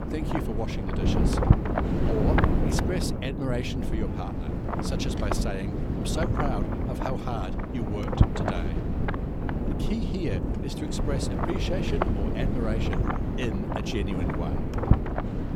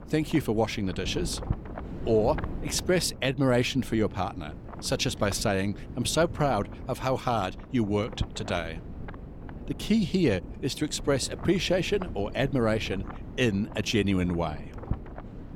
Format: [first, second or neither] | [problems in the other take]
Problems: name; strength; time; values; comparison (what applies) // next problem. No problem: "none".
second | wind noise on the microphone; heavy; 3 dB above the speech; occasional gusts in the second